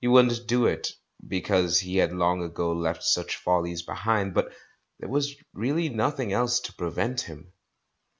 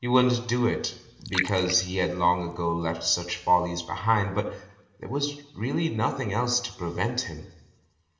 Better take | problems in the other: first | background sound (Liquid); 13 dB below the speech // room echo; dies away in 0.9 s

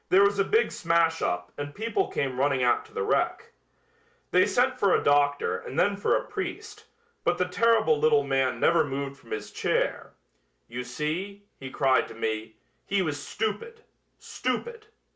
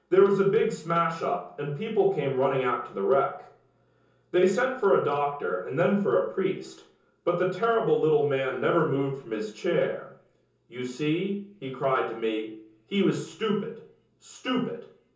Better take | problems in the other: first | room echo; dies away in 0.6 s

